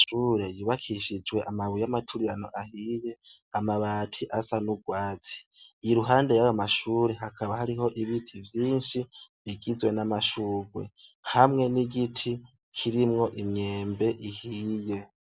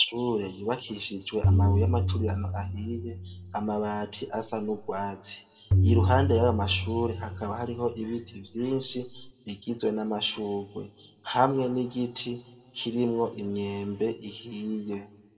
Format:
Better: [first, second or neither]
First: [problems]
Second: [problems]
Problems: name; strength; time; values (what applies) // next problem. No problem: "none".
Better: first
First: none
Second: background sound (Tabla); 2 dB above the speech // room echo; dies away in 1.2 s